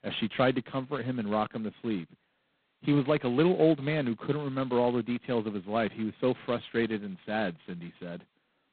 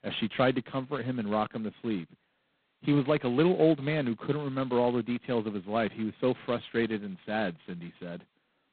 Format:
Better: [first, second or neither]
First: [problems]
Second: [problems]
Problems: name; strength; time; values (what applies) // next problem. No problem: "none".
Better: neither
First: phone-call audio; poor line; nothing above 4 kHz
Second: phone-call audio; poor line; nothing above 4 kHz